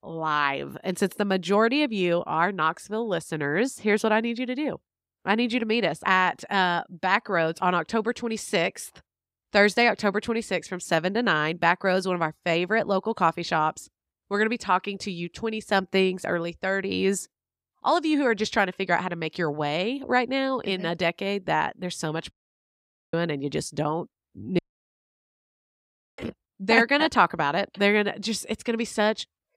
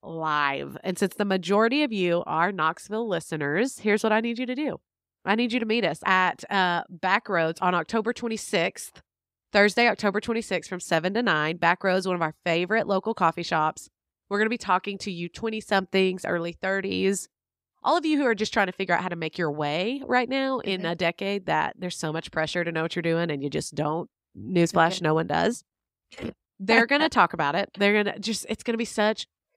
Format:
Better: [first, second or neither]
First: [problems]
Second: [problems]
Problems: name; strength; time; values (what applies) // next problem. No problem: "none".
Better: second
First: audio cutting out; at 22 s for 1 s and at 25 s for 1.5 s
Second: none